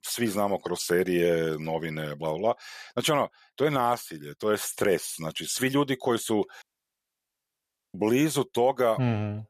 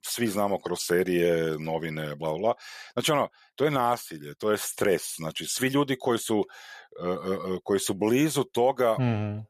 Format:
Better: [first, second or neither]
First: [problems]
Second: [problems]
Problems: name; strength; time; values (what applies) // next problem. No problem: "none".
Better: second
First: audio cutting out; at 6.5 s for 1.5 s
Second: none